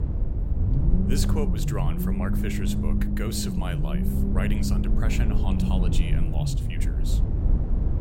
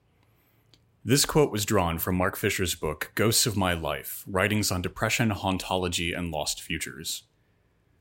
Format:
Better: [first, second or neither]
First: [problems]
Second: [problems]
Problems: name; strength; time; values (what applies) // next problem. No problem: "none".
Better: second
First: low rumble; loud; throughout; 1 dB below the speech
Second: none